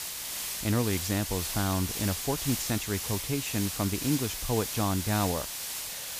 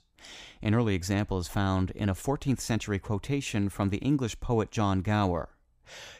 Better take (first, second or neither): second